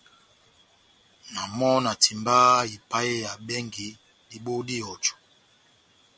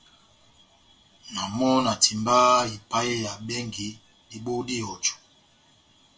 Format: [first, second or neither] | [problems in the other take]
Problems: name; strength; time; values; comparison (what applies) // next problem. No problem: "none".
first | room echo; dies away in 0.2 s